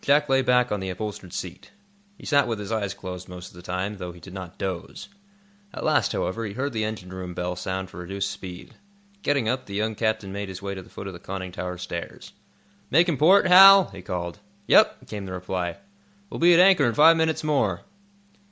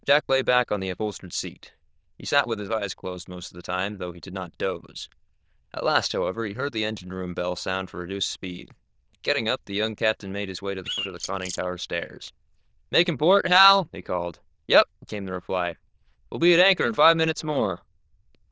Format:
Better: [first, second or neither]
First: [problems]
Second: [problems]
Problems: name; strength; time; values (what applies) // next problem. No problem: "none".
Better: first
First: none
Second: noise reduction (neural diffusion model UNIVERSE++)